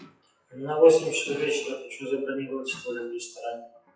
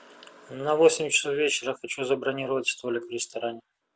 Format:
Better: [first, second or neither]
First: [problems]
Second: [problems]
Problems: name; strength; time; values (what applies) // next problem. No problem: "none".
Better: second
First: noise reduction (classical method WPE with log-MMSE)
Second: none